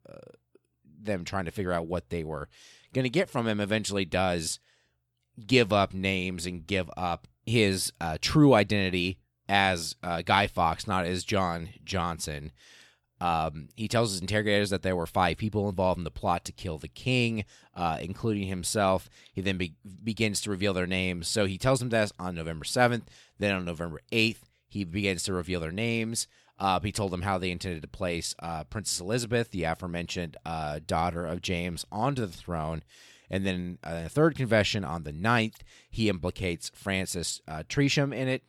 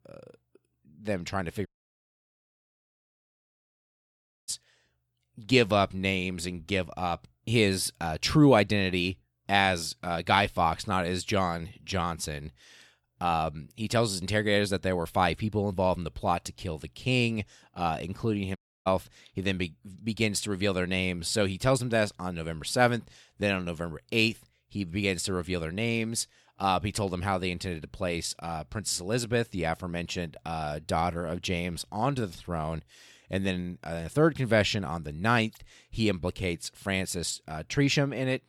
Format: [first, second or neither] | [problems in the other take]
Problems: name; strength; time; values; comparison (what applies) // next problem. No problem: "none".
first | audio cutting out; at 1.5 s for 3 s and at 19 s